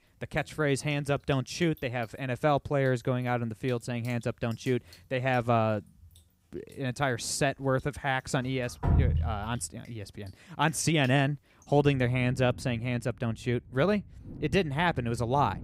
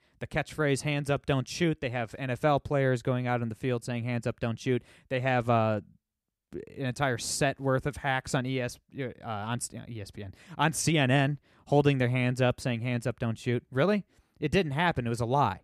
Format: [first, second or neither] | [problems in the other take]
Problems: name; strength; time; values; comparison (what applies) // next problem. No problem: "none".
second | rain or running water; loud; throughout; 7 dB below the speech